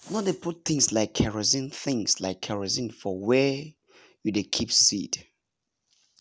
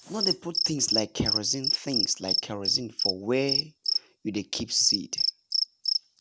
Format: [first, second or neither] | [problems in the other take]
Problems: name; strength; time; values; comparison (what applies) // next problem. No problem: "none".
first | background sound (Cricket); 1 dB above the speech